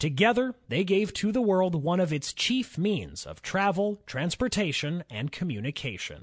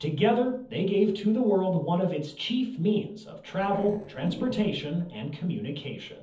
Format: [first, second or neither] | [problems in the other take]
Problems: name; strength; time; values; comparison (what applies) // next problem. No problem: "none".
first | noise reduction (neural separator model SepFormer DNS4)